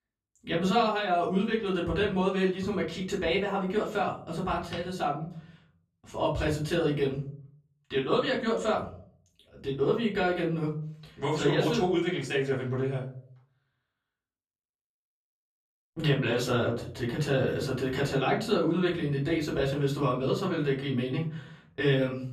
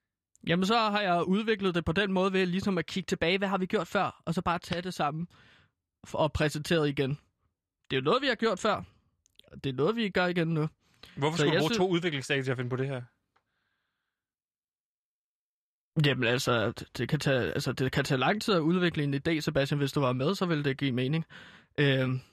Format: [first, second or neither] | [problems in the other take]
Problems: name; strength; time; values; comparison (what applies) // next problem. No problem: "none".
second | off-mic speech; far // room echo; slight; dies away in 0.4 s